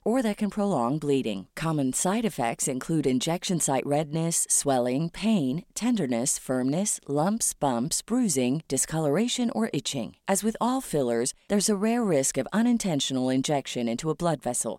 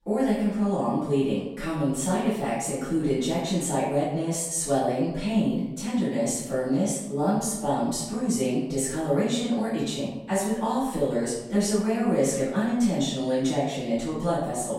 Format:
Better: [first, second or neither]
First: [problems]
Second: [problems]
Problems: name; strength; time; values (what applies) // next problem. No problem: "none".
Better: first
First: none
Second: off-mic speech; far // room echo; noticeable; dies away in 0.8 s